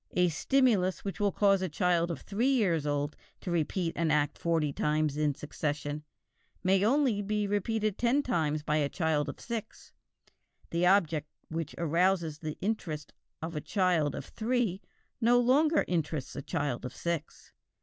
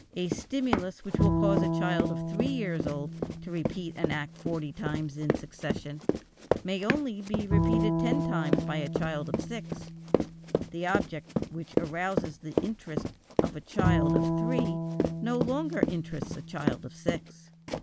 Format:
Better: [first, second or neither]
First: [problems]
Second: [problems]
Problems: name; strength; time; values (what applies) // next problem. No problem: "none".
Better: first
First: none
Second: background sound (Run + Bowed string instrument); 4 dB above the speech